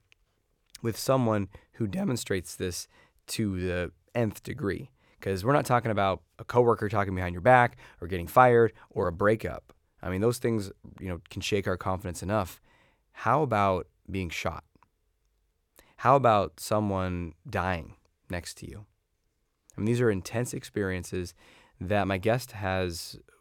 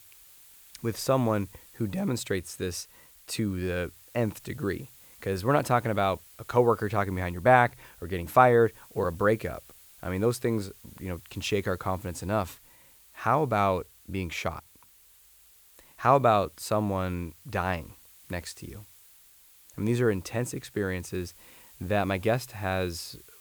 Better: first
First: none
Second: hiss; faint; throughout; 25 dB below the speech

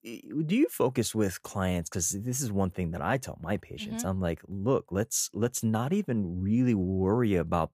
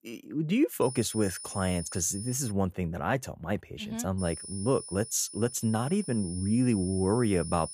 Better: first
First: none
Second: high-pitched whine; noticeable; from 1 to 2.5 s and from 4 s on; 9.5 kHz, 10 dB below the speech

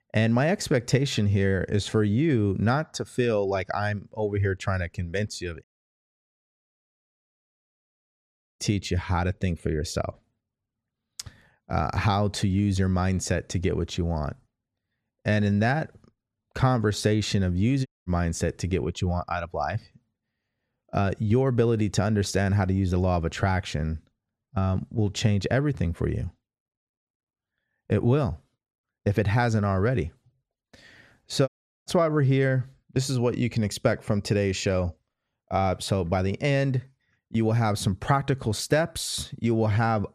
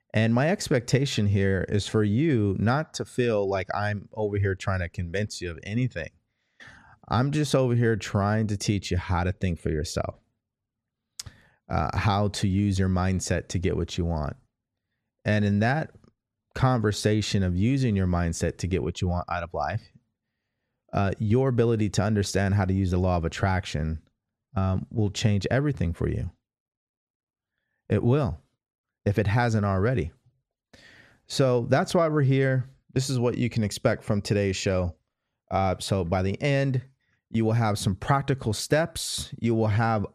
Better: second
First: audio cutting out; at 5.5 s for 3 s, at 18 s and at 31 s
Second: none

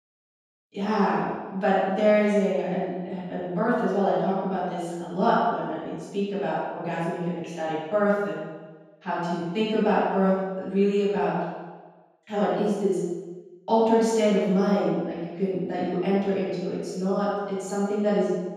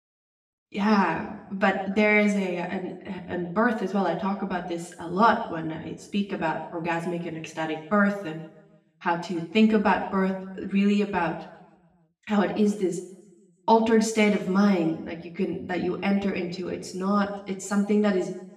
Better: second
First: room echo; strong; dies away in 1.1 s // off-mic speech; far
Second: room echo; slight; dies away in 0.8 s // off-mic speech; somewhat distant

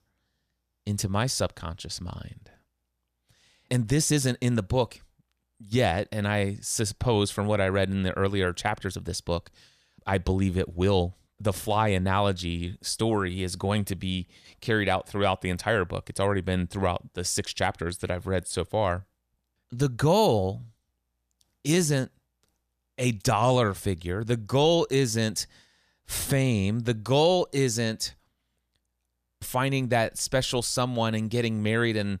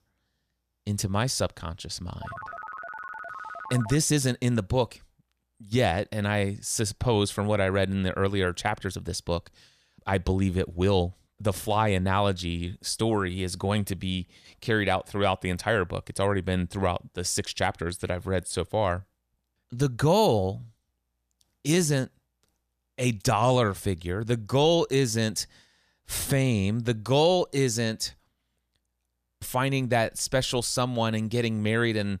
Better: first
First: none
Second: phone ringing; faint; from 2 to 4 s; peak 10 dB below the speech

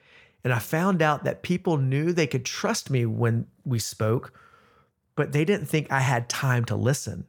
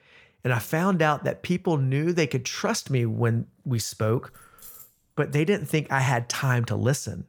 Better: first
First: none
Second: jangling keys; faint; at 4.5 s; peak 20 dB below the speech

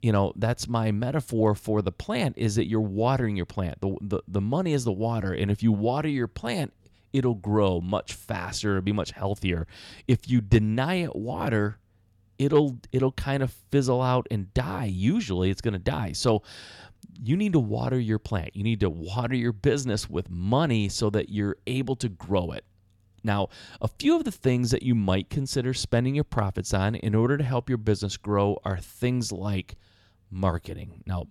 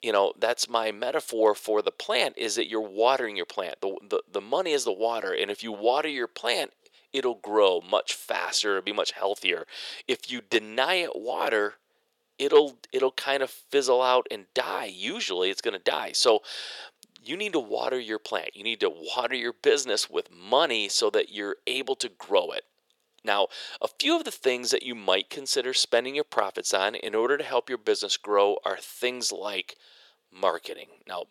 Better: first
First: none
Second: thin; very; fading below 450 Hz

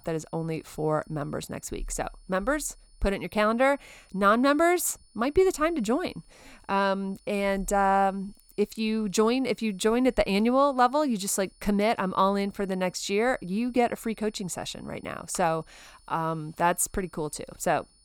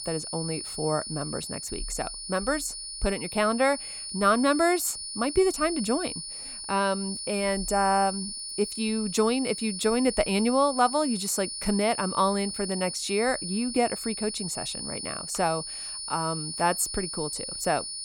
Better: first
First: high-pitched whine; faint; throughout; 9.5 kHz, 35 dB below the speech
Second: high-pitched whine; loud; throughout; 9.5 kHz, 6 dB below the speech

